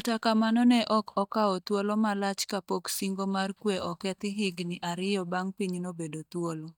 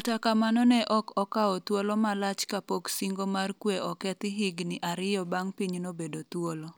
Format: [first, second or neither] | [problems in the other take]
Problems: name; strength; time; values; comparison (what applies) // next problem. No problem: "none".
second | noise reduction (neural mask model DeepFilterNet 3)